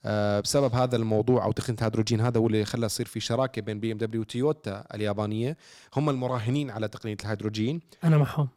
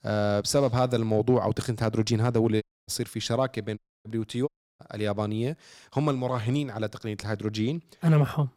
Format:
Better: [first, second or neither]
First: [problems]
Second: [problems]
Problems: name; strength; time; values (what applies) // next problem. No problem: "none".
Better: first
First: none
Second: audio cutting out; at 2.5 s, at 4 s and at 4.5 s